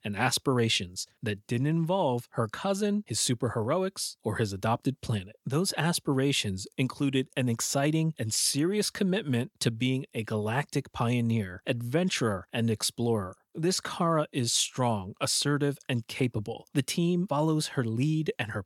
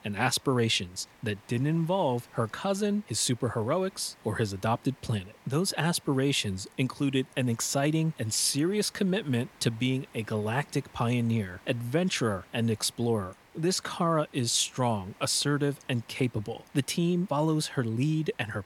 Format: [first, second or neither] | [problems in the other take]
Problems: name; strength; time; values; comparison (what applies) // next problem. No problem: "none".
first | hiss; faint; throughout; 25 dB below the speech